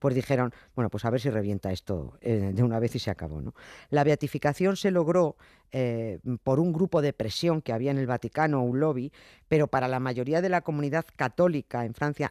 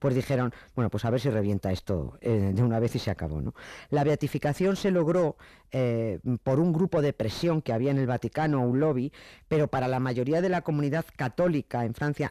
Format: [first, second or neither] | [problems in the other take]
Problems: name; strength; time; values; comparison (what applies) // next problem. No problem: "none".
first | distortion; slight; 10 dB below the speech